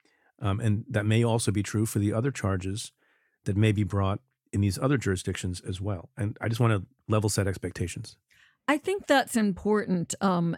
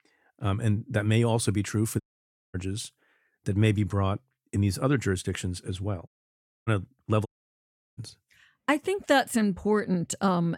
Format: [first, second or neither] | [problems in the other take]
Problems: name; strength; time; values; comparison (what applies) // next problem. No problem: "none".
first | audio cutting out; at 2 s for 0.5 s, at 6 s for 0.5 s and at 7.5 s for 0.5 s